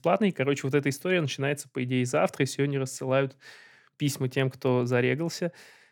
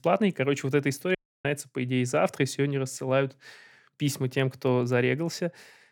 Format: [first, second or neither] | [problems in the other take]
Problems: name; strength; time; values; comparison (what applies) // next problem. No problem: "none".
first | audio cutting out; at 1 s